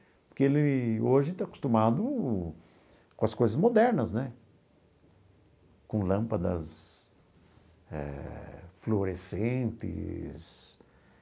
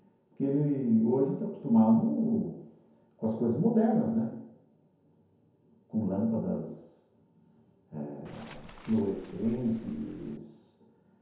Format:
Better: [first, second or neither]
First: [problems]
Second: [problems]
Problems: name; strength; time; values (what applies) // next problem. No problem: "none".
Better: first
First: none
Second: background sound (Waves, surf); 20 dB below the speech // room echo; dies away in 0.9 s